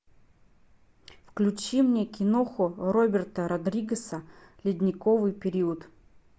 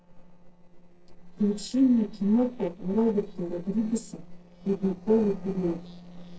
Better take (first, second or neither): first